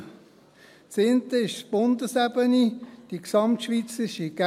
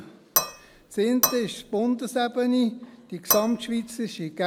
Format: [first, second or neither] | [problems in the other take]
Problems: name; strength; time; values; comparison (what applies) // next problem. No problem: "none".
first | background sound (Cutlery, silverware / Dishes, pots, and pans); 2 dB below the speech